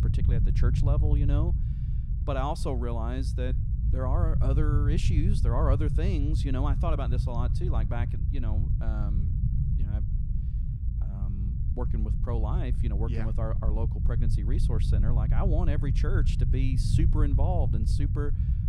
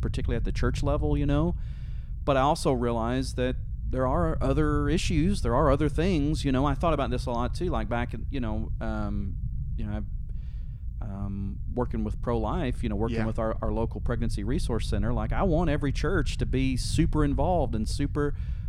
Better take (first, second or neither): second